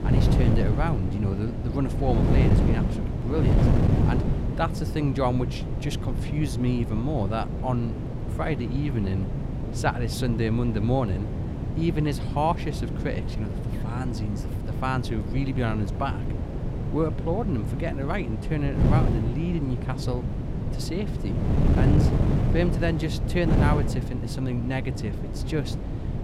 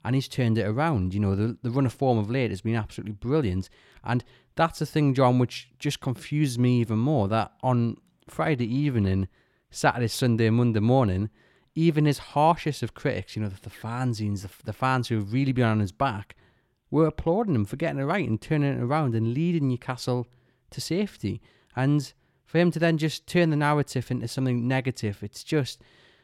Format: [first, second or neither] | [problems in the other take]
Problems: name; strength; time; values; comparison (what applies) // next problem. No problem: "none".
second | wind noise on the microphone; heavy; 4 dB below the speech